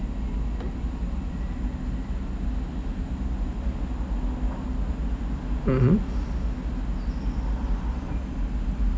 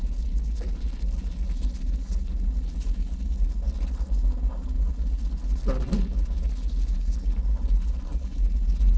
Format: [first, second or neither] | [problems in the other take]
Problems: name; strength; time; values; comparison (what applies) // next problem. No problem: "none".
first | noise reduction (neural separator model SepFormer DNS4)